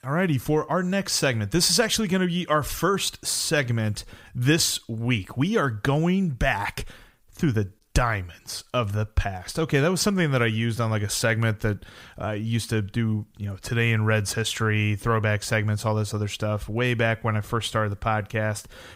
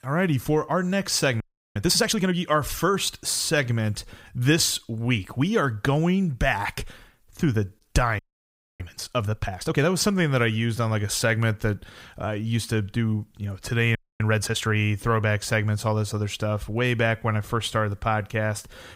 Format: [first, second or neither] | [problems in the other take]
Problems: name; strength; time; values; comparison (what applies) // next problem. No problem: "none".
first | audio freezing; at 1.5 s, at 8 s for 0.5 s and at 14 s